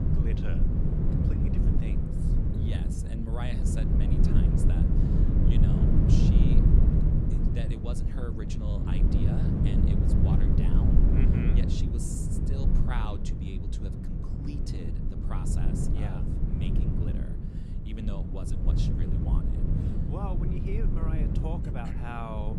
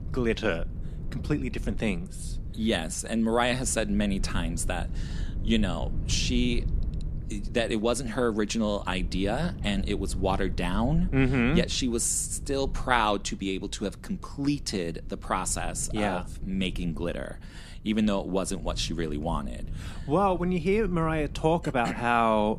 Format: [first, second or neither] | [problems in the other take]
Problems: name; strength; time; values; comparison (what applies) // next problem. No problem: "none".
second | wind noise on the microphone; heavy; 4 dB above the speech; occasional gusts in the second